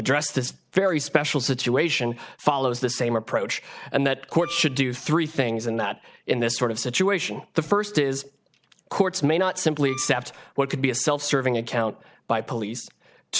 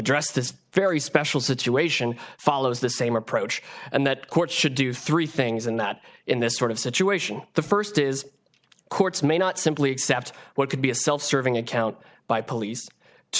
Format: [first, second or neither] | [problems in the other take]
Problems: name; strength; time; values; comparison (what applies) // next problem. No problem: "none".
second | background sound (Wind instrument, woodwind instrument); 16 dB below the speech